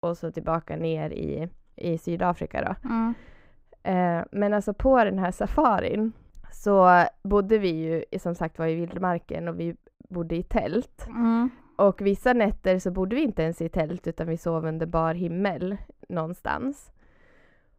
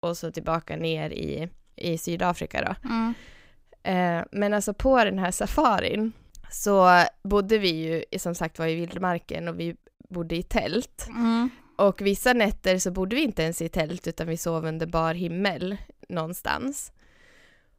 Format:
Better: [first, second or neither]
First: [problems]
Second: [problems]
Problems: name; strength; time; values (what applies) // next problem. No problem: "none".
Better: second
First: muffled; very; fading above 2.5 kHz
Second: none